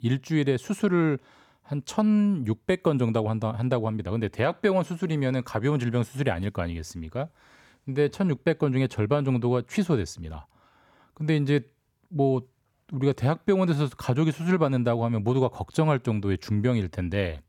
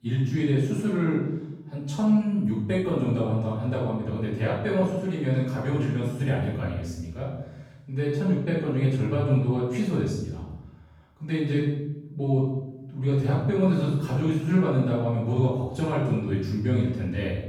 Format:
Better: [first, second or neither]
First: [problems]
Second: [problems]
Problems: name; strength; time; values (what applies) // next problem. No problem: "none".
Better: first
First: none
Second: off-mic speech; far // room echo; noticeable; dies away in 0.9 s